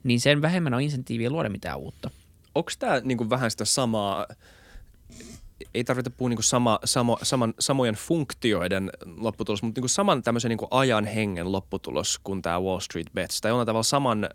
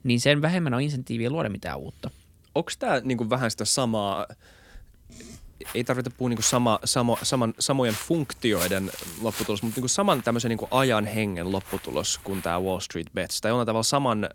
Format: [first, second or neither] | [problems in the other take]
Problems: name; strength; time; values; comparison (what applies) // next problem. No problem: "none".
first | footsteps; noticeable; from 5.5 to 12 s; peak 5 dB below the speech